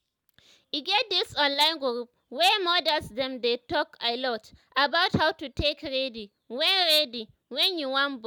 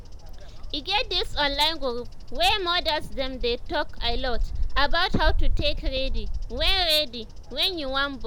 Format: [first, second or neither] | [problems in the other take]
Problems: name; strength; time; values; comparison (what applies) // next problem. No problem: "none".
first | background sound (Bird vocalization, bird call, bird song); 1 dB above the speech